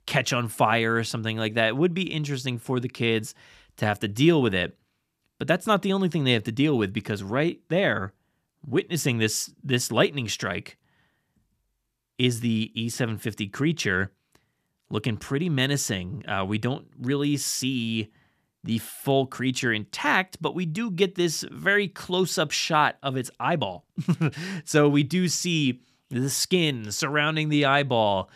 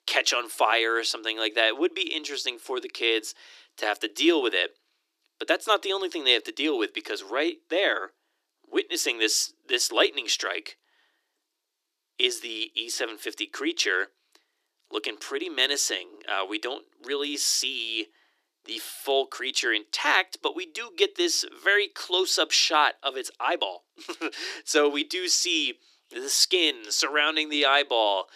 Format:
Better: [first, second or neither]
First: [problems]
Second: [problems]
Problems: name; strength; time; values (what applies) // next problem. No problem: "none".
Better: first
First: none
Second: thin; very; fading below 300 Hz